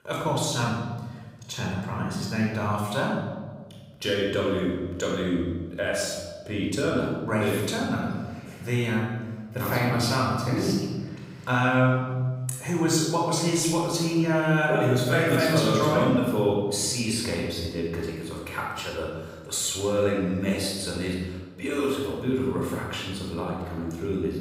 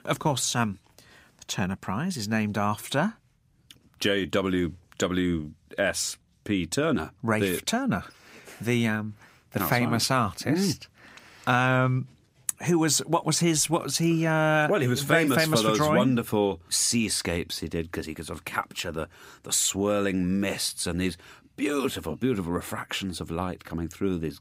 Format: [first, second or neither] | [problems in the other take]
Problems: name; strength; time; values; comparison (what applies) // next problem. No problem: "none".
second | off-mic speech; far // room echo; strong; dies away in 1.3 s